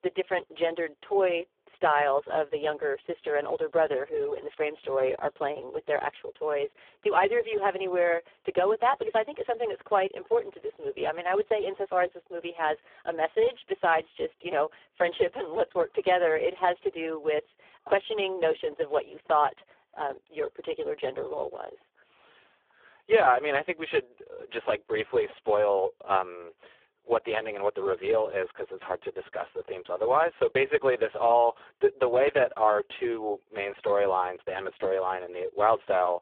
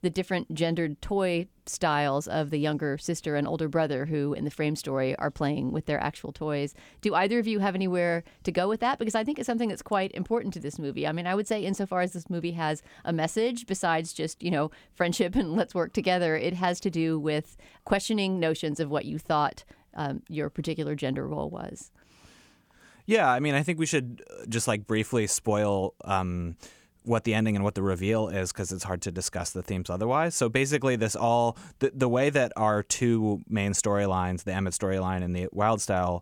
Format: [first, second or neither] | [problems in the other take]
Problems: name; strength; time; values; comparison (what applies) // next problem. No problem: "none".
second | phone-call audio; poor line